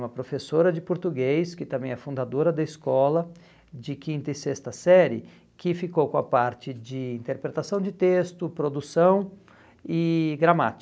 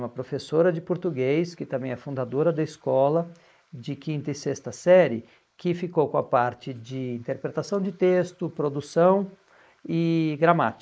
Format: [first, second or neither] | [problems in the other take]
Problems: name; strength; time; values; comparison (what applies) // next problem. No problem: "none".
first | noise reduction (neural mask model Resemble Enhance denoiser)